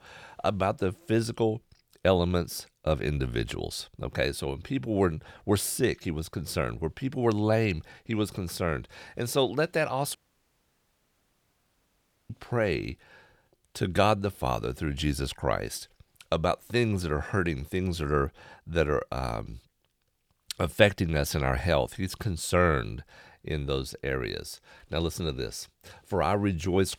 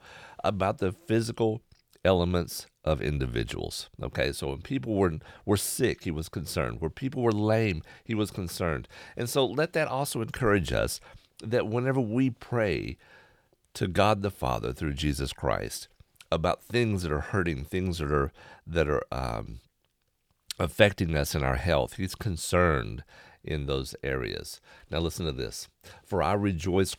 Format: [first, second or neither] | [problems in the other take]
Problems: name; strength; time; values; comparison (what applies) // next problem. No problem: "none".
second | audio cutting out; at 10 s for 2 s